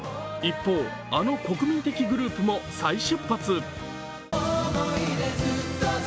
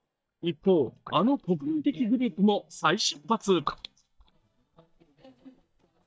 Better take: first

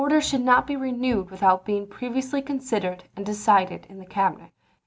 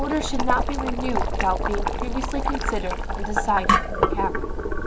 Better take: first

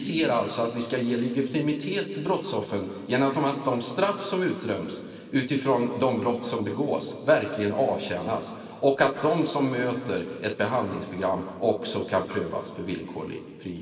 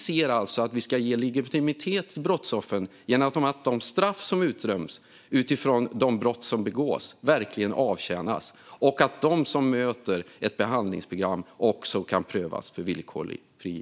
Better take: second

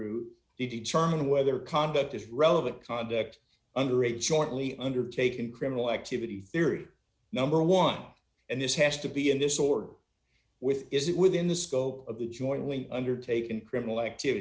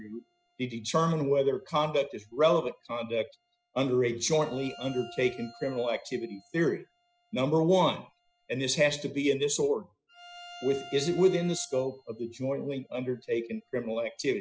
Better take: first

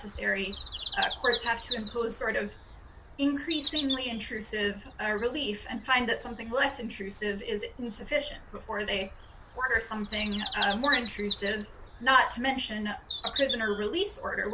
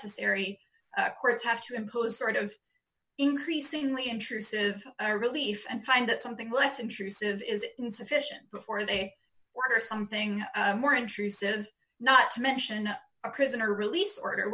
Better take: second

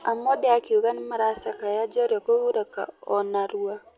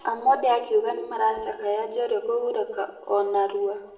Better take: first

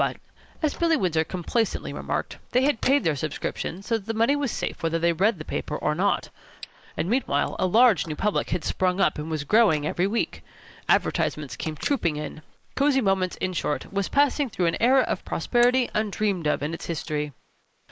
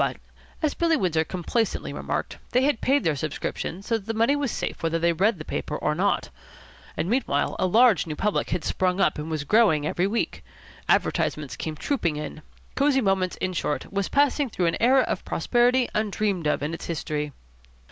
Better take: second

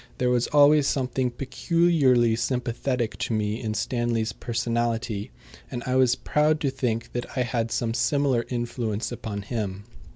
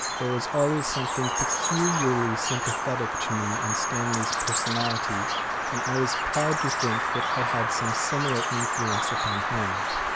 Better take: first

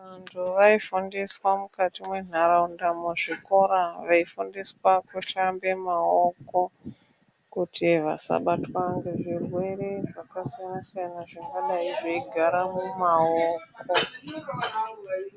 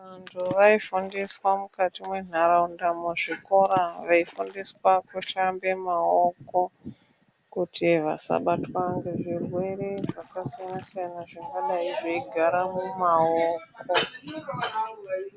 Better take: first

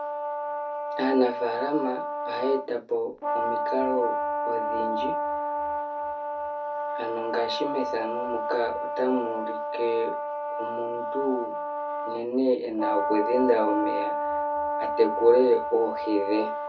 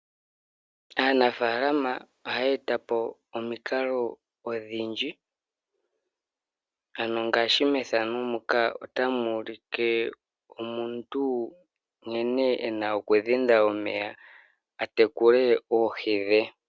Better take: second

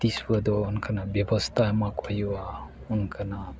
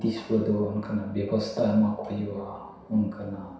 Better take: first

